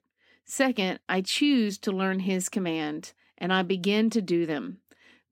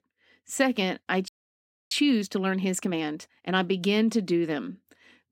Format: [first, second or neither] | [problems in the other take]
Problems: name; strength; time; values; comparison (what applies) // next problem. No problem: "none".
first | audio freezing; at 1.5 s for 0.5 s